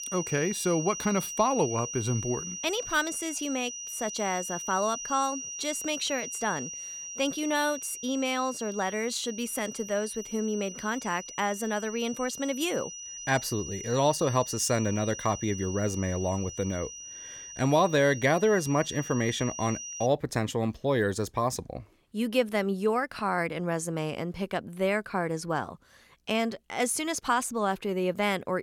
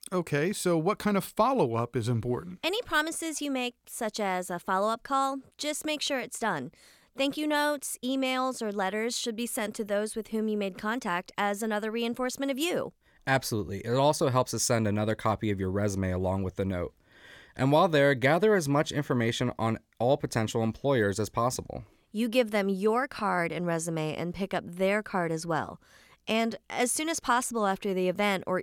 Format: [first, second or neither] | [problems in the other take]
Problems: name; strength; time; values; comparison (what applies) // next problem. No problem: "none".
second | high-pitched whine; loud; until 20 s; 6 kHz, 8 dB below the speech